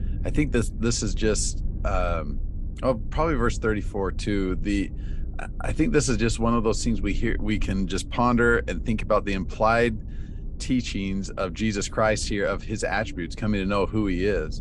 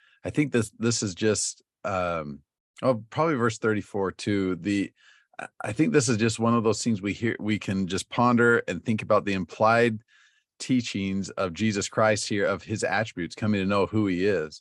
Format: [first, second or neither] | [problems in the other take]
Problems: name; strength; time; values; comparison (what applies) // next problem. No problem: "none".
second | low rumble; faint; throughout; 20 dB below the speech